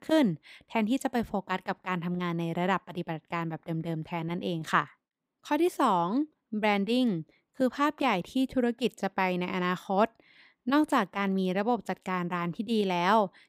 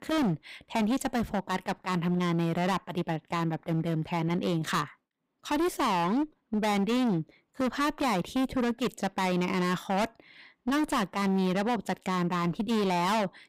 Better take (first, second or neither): first